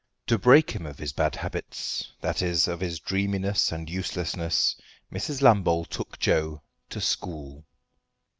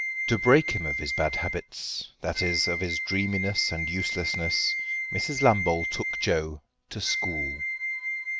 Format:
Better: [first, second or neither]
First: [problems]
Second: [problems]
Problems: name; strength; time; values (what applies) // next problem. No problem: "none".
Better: first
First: none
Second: background sound (Wind instrument, woodwind instrument); 3 dB below the speech